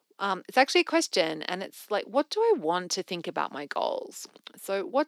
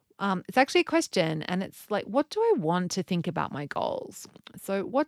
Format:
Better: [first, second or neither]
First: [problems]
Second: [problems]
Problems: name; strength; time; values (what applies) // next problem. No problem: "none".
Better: second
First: thin; somewhat; fading below 300 Hz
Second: none